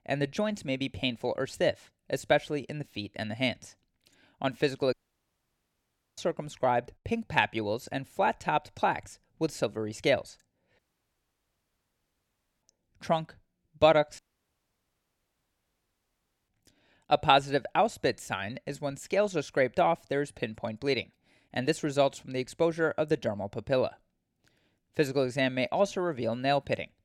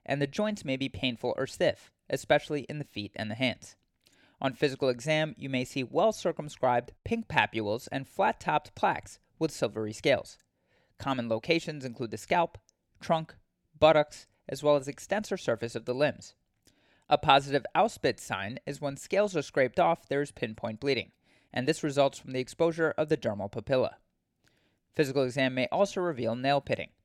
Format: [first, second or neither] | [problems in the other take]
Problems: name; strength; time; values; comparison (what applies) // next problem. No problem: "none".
second | audio cutting out; at 5 s for 1 s, at 11 s for 2 s and at 14 s for 2.5 s